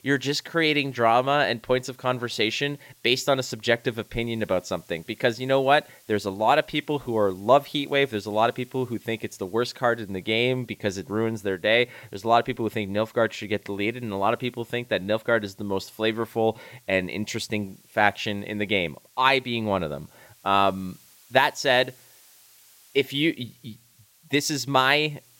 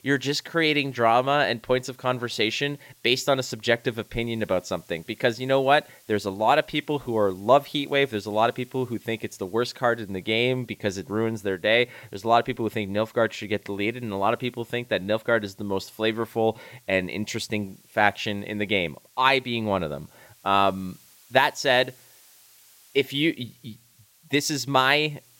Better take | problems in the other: neither | hiss; faint; throughout; 30 dB below the speech; the same in both

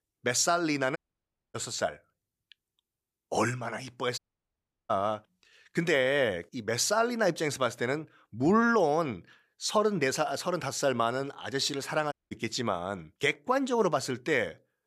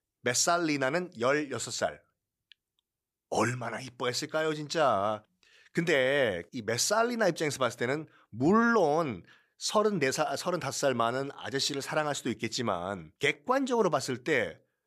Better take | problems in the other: second | audio cutting out; at 1 s for 0.5 s, at 4 s for 0.5 s and at 12 s

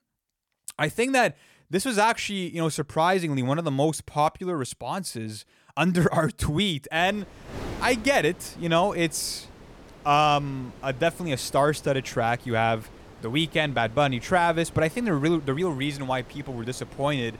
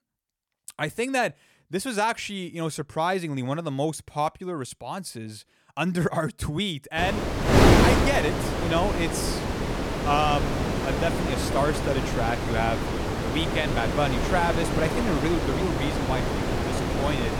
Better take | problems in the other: first | wind noise on the microphone; heavy; from 7 s on; as loud as the speech; occasional gusts in the first

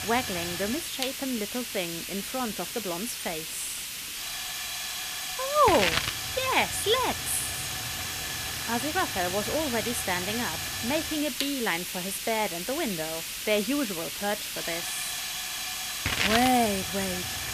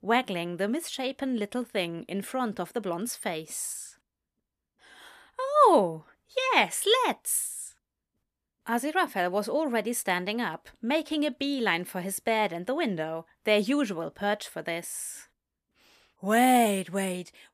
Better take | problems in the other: second | hiss; loud; throughout; 1 dB below the speech

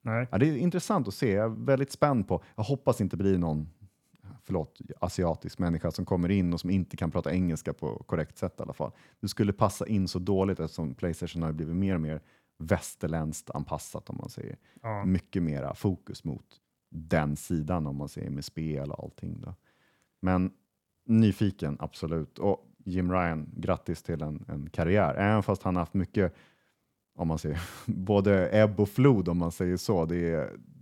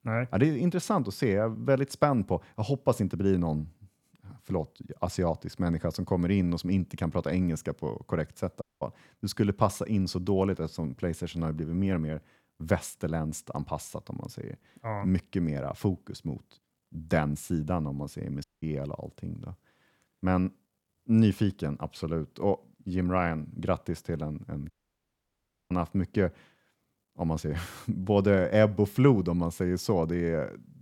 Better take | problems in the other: first | audio cutting out; at 8.5 s, at 18 s and at 25 s for 1 s

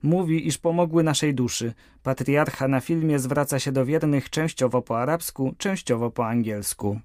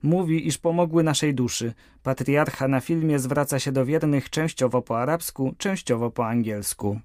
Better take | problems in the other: neither | none

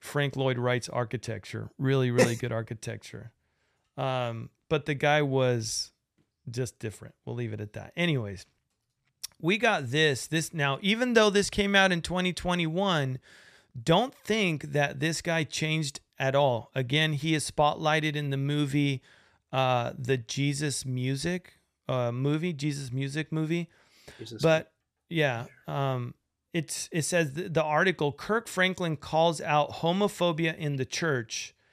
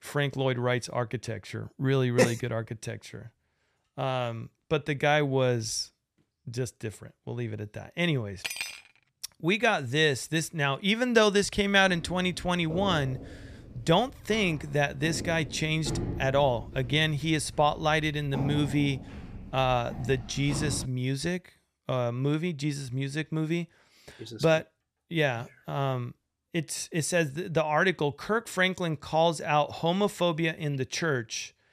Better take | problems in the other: first | clattering dishes; noticeable; at 8.5 s; peak 5 dB below the speech // footsteps; noticeable; from 12 to 21 s; peak 5 dB below the speech

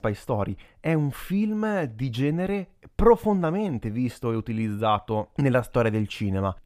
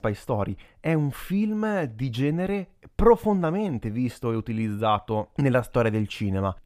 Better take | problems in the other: neither | none

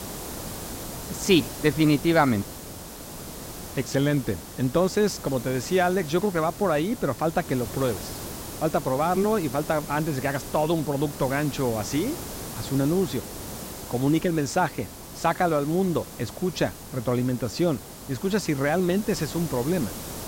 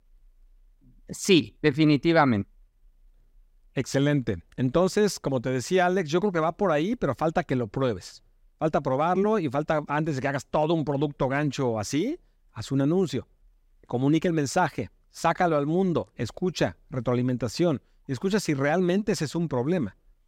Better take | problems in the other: second | hiss; noticeable; throughout; 10 dB below the speech

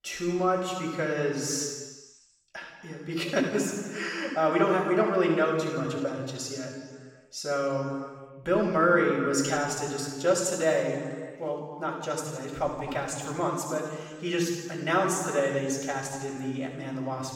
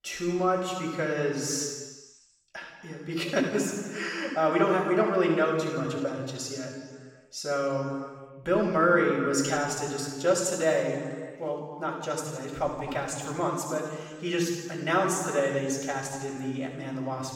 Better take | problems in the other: neither | room echo; noticeable; dies away in 1.6 s; the same in both // off-mic speech; far; the same in both

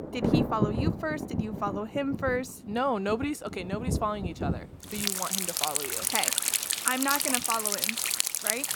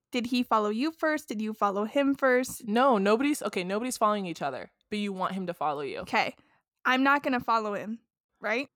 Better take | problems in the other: second | rain or running water; very loud; throughout; 4 dB above the speech

